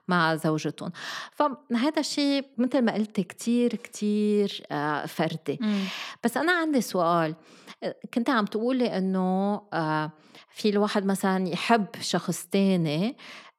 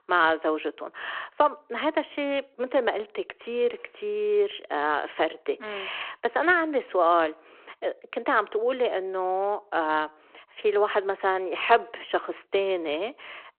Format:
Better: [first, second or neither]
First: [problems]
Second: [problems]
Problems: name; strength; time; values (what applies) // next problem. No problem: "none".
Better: first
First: none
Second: phone-call audio